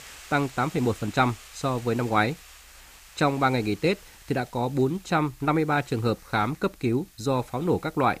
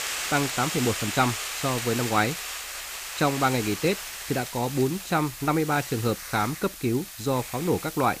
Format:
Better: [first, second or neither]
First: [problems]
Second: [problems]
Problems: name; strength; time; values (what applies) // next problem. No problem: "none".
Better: first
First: hiss; faint; throughout; 20 dB below the speech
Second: hiss; loud; throughout; 6 dB below the speech